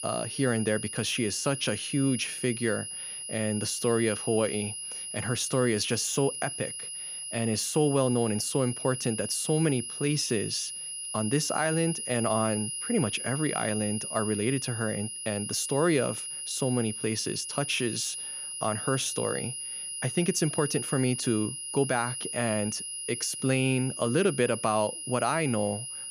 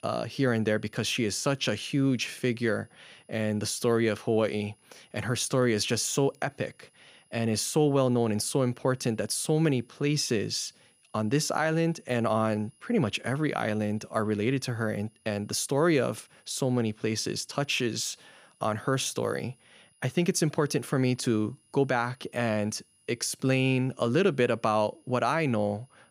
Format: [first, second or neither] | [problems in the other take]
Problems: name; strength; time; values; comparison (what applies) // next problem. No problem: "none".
second | high-pitched whine; loud; throughout; 10.5 kHz, 5 dB below the speech; faint in the second